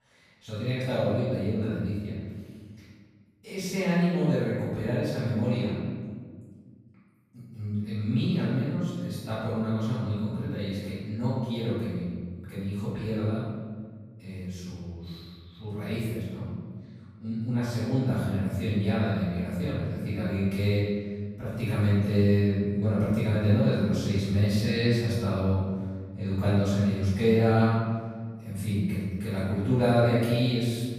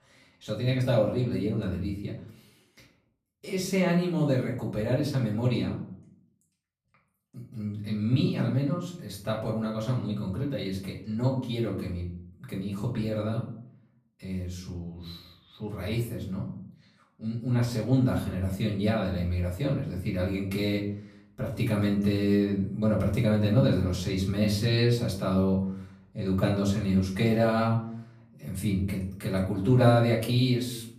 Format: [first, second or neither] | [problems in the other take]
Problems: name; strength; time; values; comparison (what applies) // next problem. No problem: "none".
second | room echo; strong; dies away in 1.6 s; slight in the second // off-mic speech; far; far in the second